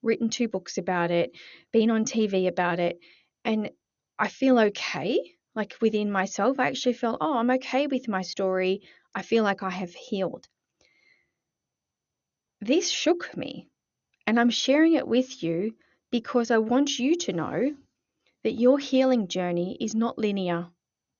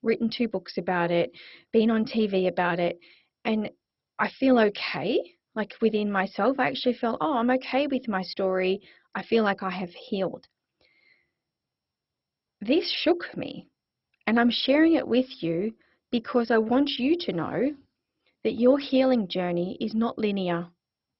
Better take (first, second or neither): first